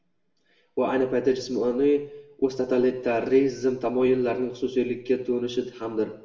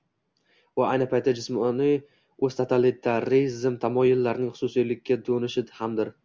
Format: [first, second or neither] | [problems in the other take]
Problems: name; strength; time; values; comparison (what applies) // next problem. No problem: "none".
second | room echo; dies away in 0.7 s